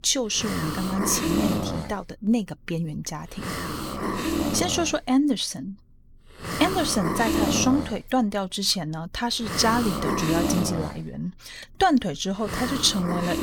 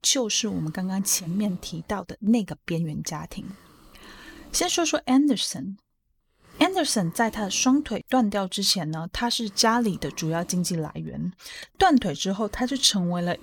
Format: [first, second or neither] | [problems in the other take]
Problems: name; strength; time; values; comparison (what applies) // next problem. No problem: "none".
second | hiss; loud; throughout; 3 dB below the speech; faint in the second